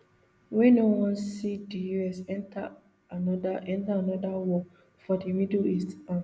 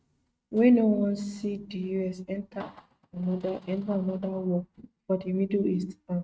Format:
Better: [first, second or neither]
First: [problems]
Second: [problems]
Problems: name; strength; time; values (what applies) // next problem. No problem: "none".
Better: first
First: none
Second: noise reduction (neural mask model RNNoise)